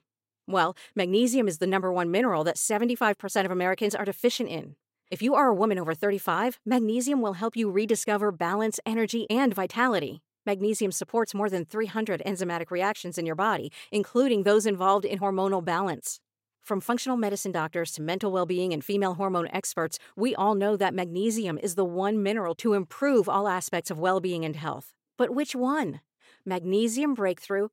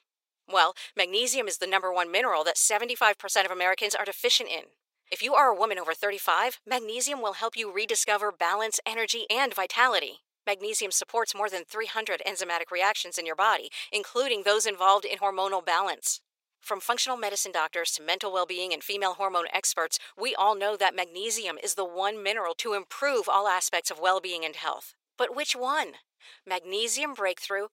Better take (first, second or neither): first